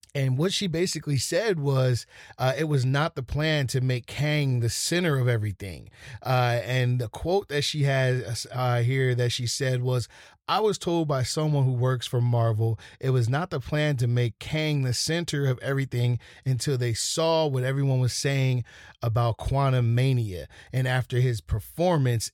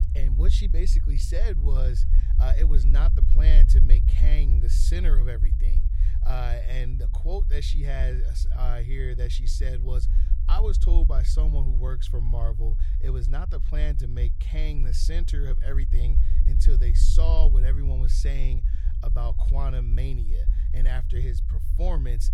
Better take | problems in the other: first | low rumble; loud; throughout; 8 dB below the speech

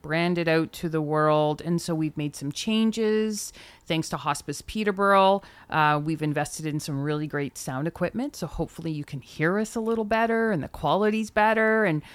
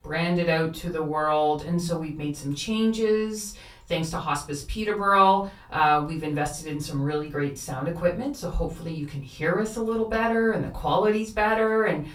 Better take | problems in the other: first | off-mic speech; far // room echo; very slight; dies away in 0.3 s

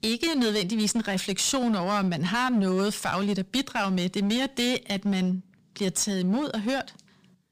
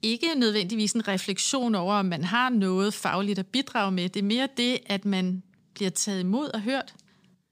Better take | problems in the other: second | distortion; slight; 10% of the sound clipped

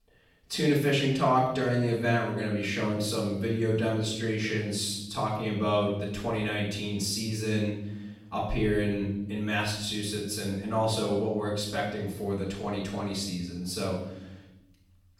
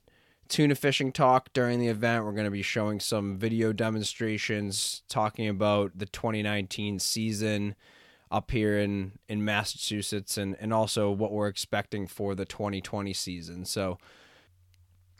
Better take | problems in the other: second | off-mic speech; far // room echo; noticeable; dies away in 0.9 s

